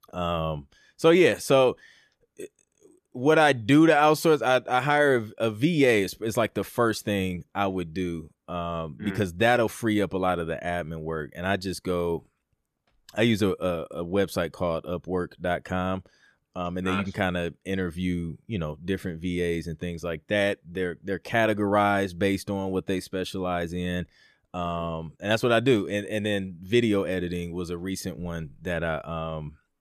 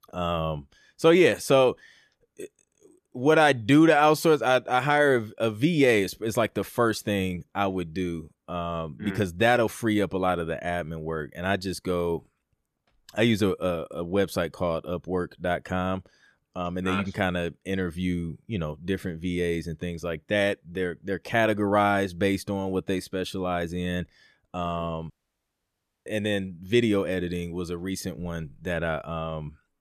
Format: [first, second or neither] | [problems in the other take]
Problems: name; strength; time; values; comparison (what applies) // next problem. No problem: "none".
first | audio cutting out; at 25 s for 1 s